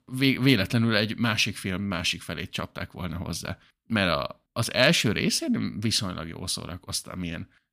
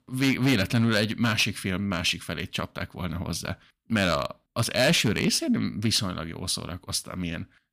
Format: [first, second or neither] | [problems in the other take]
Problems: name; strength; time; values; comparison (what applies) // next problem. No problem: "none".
first | distortion; slight; 3% of the sound clipped